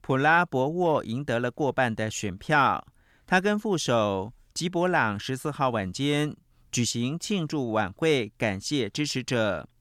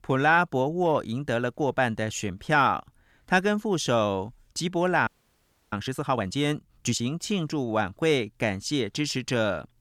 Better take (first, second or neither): first